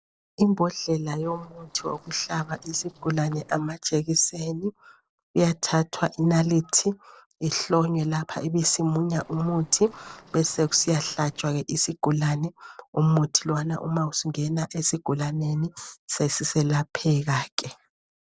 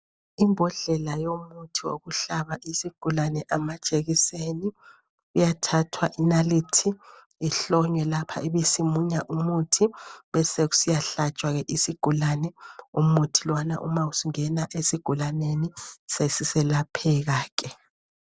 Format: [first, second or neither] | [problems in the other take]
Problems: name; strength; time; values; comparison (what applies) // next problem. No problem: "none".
second | noise reduction (neural separator model SepFormer DNS4)